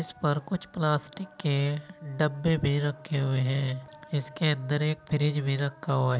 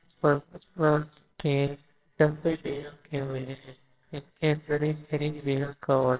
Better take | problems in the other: first | noise reduction (neural separator model SepFormer WHAMR!)

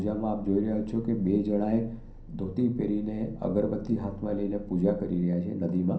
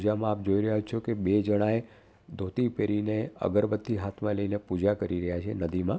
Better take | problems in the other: second | background sound (Engine); 17 dB below the speech // room echo; dies away in 0.6 s

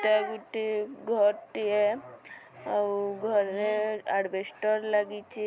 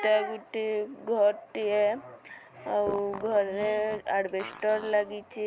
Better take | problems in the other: first | background sound (Fart); 15 dB below the speech

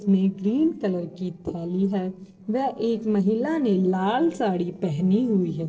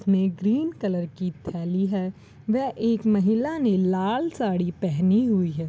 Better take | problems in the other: second | noise reduction (neural separator model SepFormer DNS4)

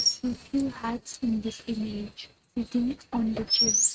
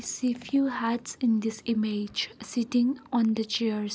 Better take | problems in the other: second | noise reduction (neural mask model RNNoise)

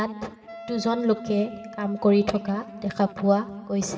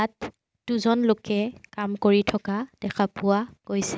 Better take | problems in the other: second | background sound (Wind instrument, woodwind instrument); 18 dB below the speech // room echo; dies away in 2.4 s

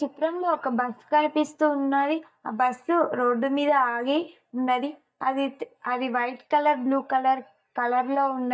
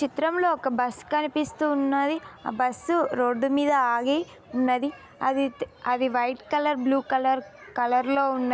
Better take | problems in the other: second | noise reduction (neural mask model DeepFilterNet 3)

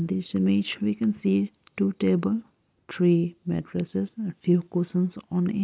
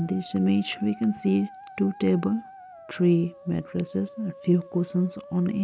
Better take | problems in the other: first | background sound (Musical instrument); 19 dB below the speech

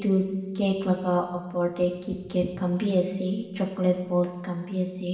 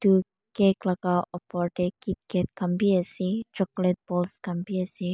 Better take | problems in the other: second | room echo; dies away in 1.2 s

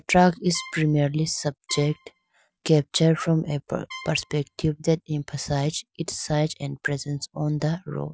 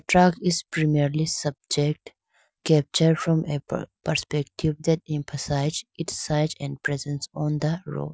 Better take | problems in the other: second | background sound (Trumpet); 19 dB below the speech

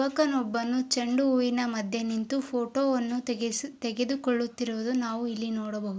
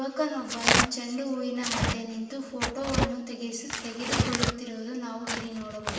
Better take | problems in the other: first | background sound (Tearing); 2 dB above the speech // room echo; dies away in 1.3 s

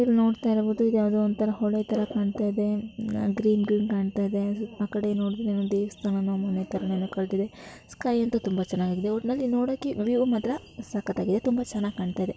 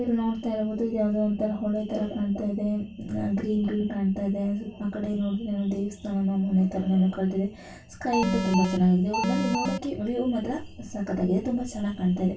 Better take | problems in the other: first | background sound (Alarm); as loud as the speech // room echo; dies away in 0.2 s

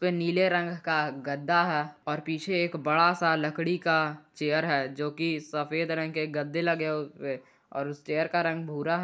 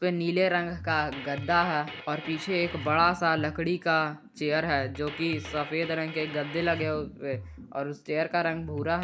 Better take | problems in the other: first | background sound (Drum kit); 13 dB below the speech

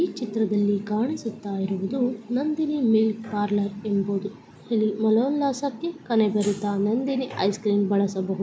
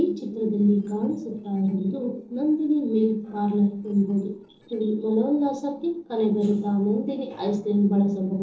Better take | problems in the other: first | noise reduction (neural separator model SepFormer DNS4)

